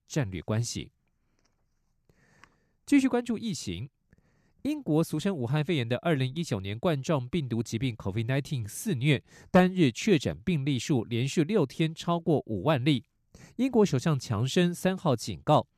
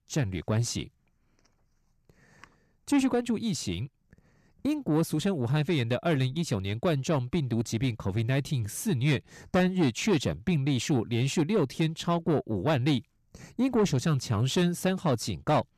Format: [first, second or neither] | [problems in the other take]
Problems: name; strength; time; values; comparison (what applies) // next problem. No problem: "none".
first | distortion; slight; 10 dB below the speech